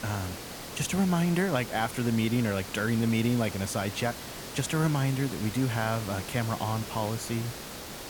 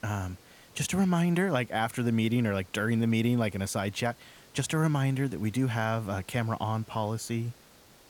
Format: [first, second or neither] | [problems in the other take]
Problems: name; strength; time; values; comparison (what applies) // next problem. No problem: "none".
second | hiss; loud; throughout; 10 dB below the speech; faint in the second